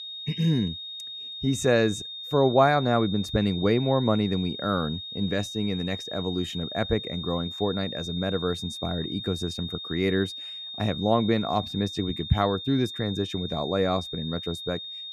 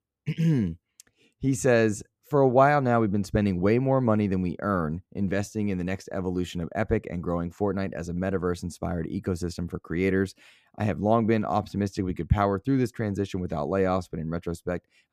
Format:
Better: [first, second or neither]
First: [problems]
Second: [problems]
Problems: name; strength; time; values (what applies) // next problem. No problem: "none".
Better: second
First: high-pitched whine; loud; throughout; 3.5 kHz, 8 dB below the speech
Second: none